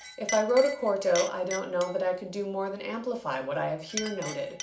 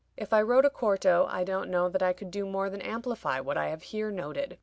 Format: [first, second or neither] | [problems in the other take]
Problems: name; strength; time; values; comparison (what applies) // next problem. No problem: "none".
second | background sound (Chink, clink); 12 dB below the speech // room echo; dies away in 0.4 s